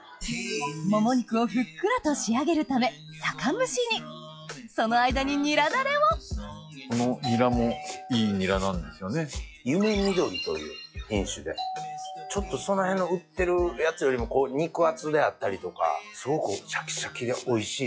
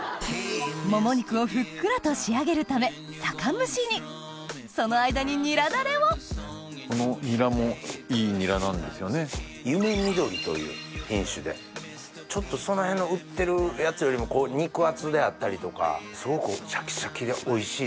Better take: second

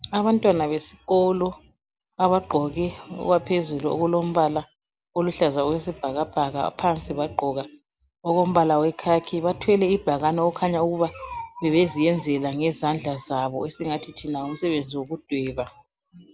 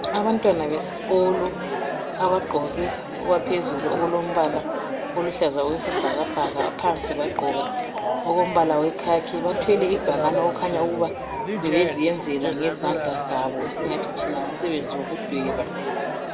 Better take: first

